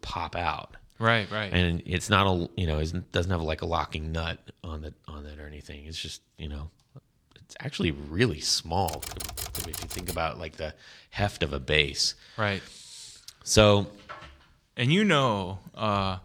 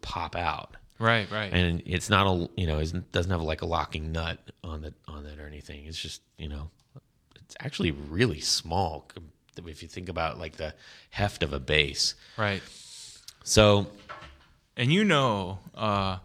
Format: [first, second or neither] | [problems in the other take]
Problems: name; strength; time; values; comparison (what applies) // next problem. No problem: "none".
second | keyboard typing; noticeable; from 9 to 10 s; peak 6 dB below the speech